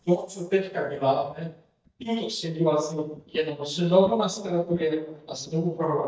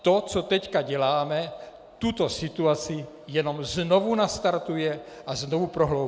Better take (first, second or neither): second